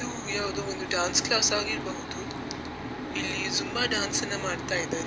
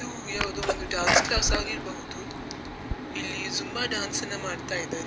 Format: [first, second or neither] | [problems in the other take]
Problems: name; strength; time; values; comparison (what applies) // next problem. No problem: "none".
first | background sound (Sneeze); 2 dB above the speech